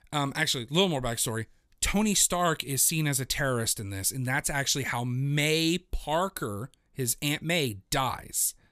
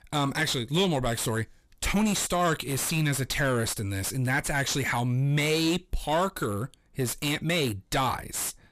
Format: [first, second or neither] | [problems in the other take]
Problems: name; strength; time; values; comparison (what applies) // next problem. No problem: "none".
first | distortion; heavy; 7 dB below the speech